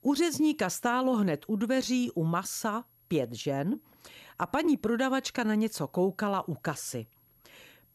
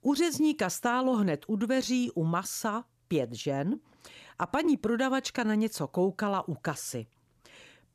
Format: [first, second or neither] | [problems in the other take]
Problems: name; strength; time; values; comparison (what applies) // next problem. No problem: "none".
second | high-pitched whine; faint; throughout; 11.5 kHz, 35 dB below the speech